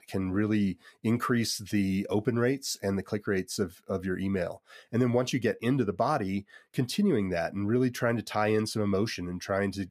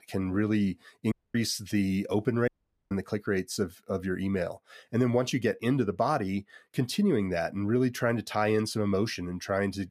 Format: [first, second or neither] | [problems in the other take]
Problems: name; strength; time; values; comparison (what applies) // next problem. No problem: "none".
first | audio cutting out; at 1 s and at 2.5 s